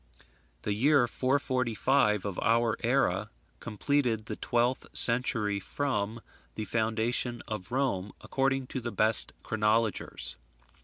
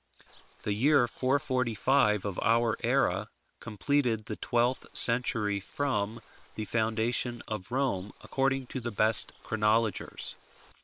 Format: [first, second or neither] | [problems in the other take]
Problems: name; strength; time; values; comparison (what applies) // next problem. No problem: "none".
first | noise reduction (neural separator model SepFormer WHAM!)